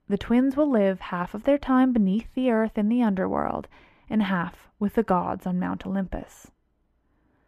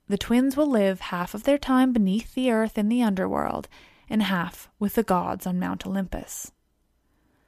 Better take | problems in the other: second | muffled; slightly; fading above 3.5 kHz

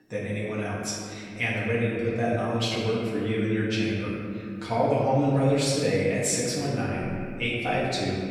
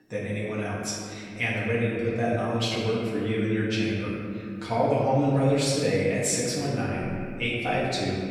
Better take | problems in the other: neither | room echo; strong; dies away in 2.3 s; the same in both // off-mic speech; far; the same in both

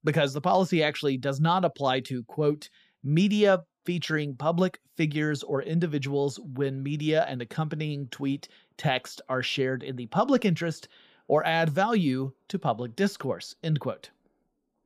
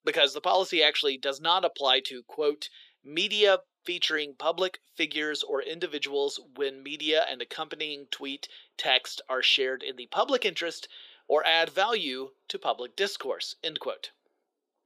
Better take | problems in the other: first | thin; very; fading below 400 Hz

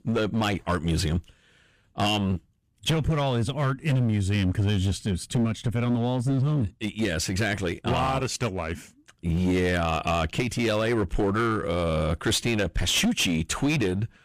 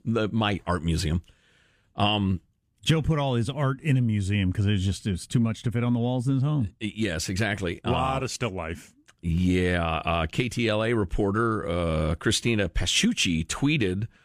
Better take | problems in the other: second | distortion; slight; 13% of the sound clipped

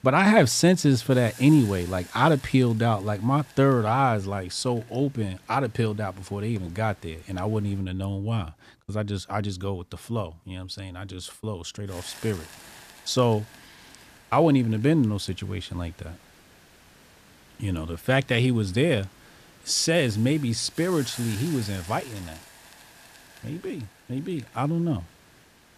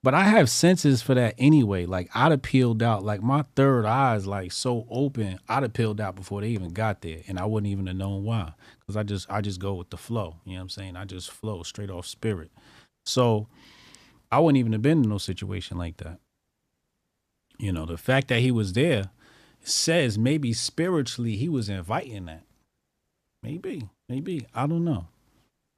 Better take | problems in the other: second | hiss; faint; until 8 s and from 12 s on; 20 dB below the speech

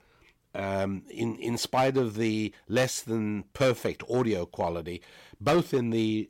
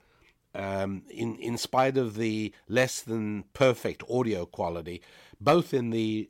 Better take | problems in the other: second | distortion; slight; 3% of the sound clipped

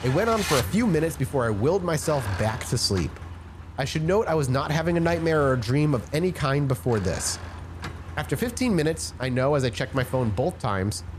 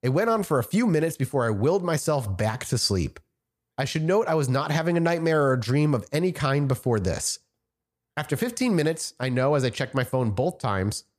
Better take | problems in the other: second | traffic noise; noticeable; throughout; 10 dB below the speech

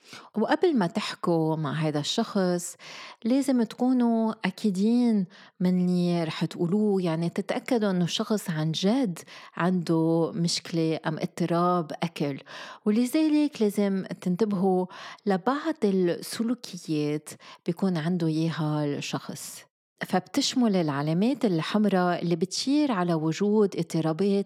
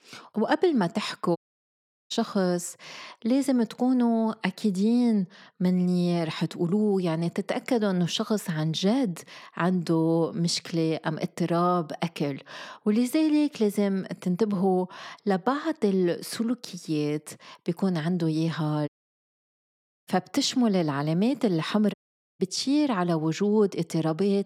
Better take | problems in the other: first | audio cutting out; at 1.5 s for 0.5 s, at 19 s for 1 s and at 22 s

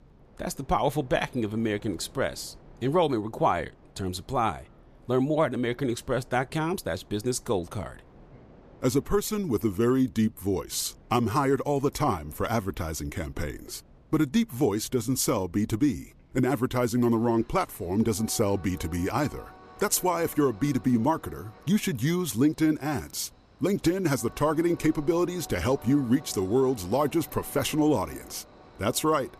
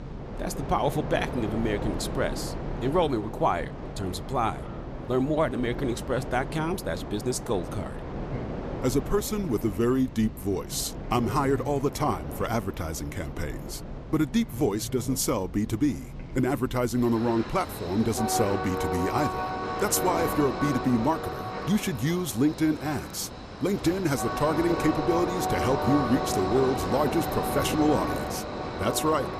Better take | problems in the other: first | train or aircraft noise; loud; throughout; 6 dB below the speech; faint in the first

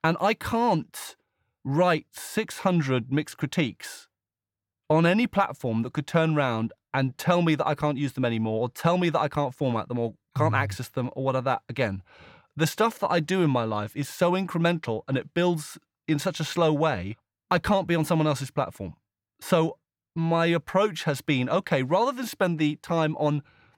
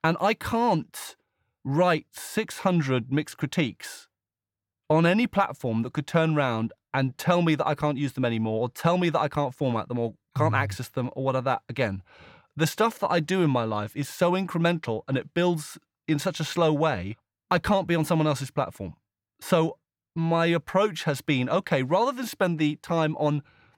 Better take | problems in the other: neither | none

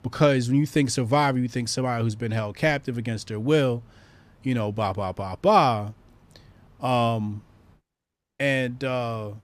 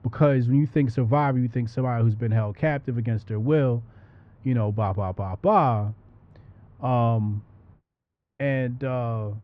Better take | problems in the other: first | muffled; very; fading above 1.5 kHz

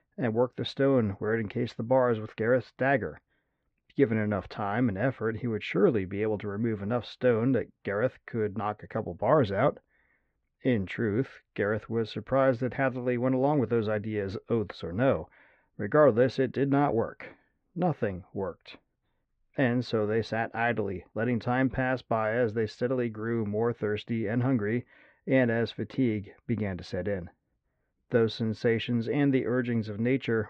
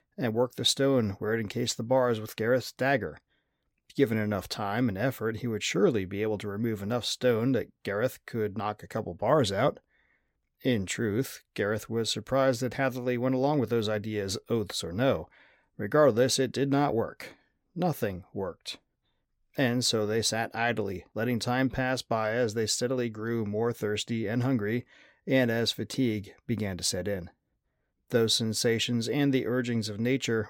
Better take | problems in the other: second | muffled; very; fading above 2.5 kHz

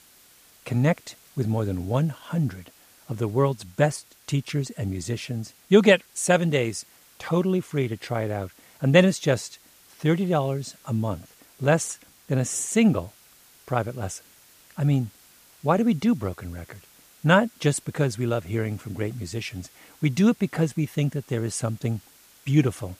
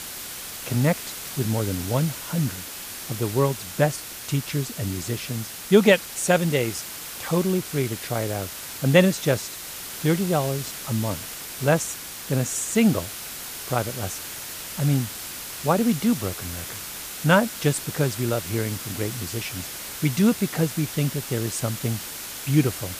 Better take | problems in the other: first | hiss; loud; throughout; 8 dB below the speech; faint in the first

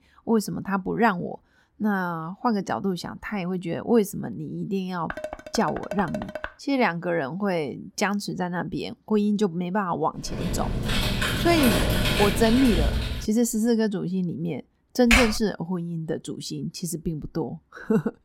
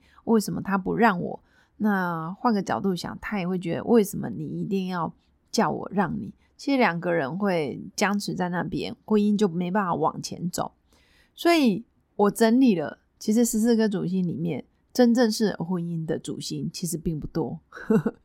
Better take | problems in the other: second | clattering dishes; noticeable; from 5 to 6.5 s; peak 9 dB below the speech // keyboard typing; loud; from 10 to 13 s and at 15 s; peak 6 dB above the speech

